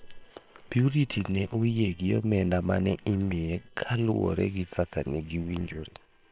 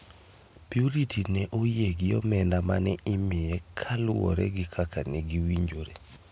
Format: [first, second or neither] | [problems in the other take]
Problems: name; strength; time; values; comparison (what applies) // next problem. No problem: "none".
second | noise reduction (neural separator model SepFormer WHAM!)